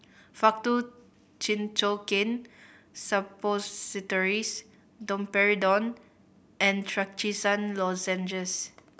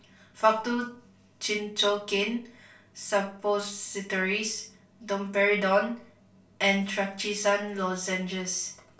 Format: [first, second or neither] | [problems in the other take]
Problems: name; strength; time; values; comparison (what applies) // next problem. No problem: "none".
first | room echo; dies away in 0.3 s